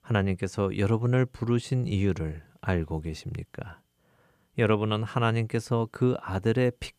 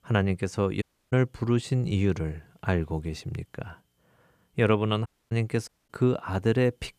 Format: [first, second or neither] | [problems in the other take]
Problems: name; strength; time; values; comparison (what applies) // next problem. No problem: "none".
first | audio cutting out; at 1 s, at 5 s and at 5.5 s